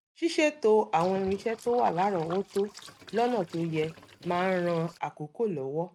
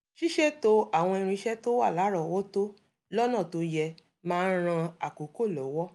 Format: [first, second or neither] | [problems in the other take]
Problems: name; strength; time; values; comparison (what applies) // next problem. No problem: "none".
second | noise reduction (neural mask model RNNoise)